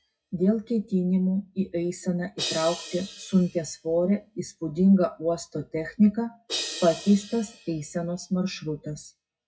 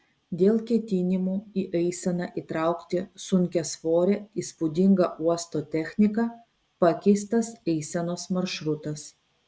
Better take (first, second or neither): second